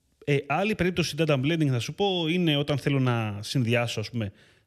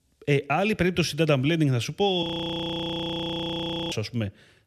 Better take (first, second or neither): first